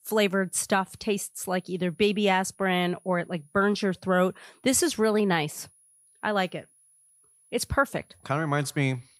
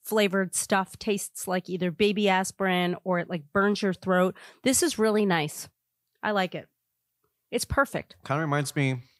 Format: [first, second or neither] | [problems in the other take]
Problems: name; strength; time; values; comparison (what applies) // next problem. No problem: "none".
second | high-pitched whine; faint; throughout; 10.5 kHz, 35 dB below the speech